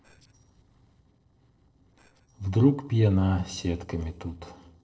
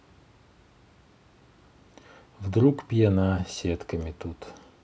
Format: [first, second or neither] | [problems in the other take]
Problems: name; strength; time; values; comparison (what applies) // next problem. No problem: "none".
second | noise reduction (neural separator model SepFormer DNS4)